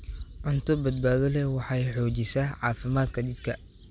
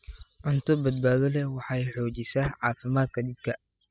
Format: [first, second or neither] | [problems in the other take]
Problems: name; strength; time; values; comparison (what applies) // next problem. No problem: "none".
first | noise reduction (classical method spectral subtraction)